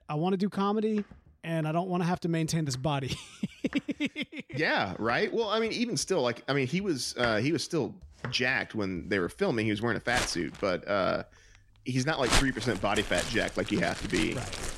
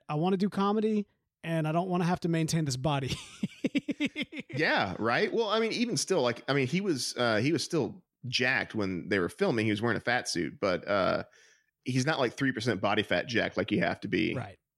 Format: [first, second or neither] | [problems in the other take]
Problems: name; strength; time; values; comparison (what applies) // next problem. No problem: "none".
second | household noises; loud; throughout; 6 dB below the speech